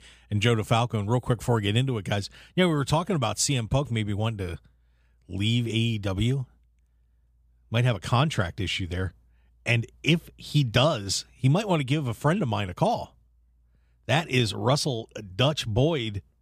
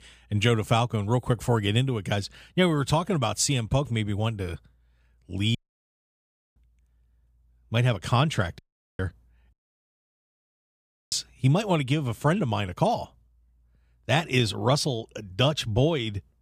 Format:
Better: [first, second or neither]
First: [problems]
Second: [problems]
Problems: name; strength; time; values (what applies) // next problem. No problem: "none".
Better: first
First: none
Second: audio cutting out; at 5.5 s for 1 s, at 8.5 s and at 9.5 s for 1.5 s